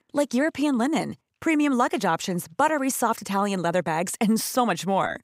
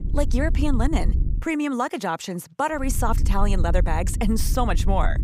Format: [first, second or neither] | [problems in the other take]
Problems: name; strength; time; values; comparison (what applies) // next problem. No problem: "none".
first | wind noise on the microphone; occasional gusts; until 1.5 s and from 3 s on; 15 dB below the speech